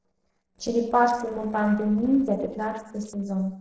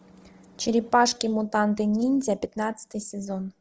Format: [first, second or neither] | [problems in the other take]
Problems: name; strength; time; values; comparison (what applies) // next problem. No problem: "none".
second | noise reduction (neural separator model SepFormer DNS4)